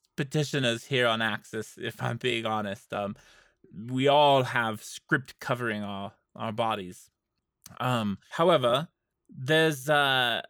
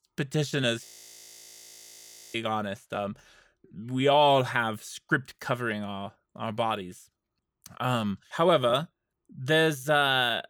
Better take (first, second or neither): first